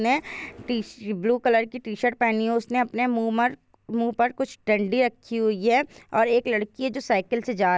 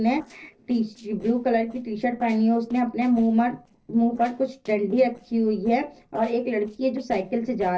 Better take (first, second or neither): first